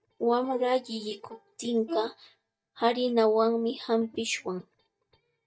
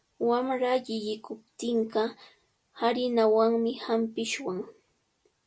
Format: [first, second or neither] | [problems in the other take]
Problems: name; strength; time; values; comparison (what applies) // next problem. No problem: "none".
second | noise reduction (neural mask model DeepFilterNet 3)